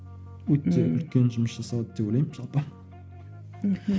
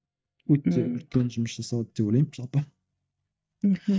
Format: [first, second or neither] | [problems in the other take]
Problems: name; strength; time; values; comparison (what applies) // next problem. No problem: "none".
first | noise reduction (neural mask model DeepFilterNet 3)